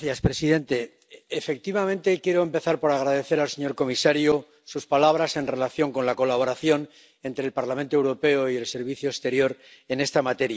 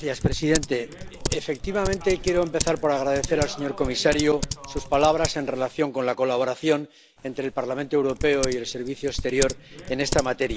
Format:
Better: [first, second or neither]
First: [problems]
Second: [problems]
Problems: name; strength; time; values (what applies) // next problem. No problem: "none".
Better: first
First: none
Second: background sound (Typing); 8 dB below the speech